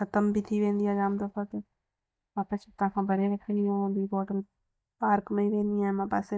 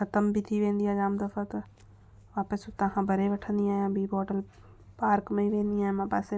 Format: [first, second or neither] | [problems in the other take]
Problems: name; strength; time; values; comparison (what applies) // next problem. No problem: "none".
second | noise reduction (neural mask model DeepFilterNet 3)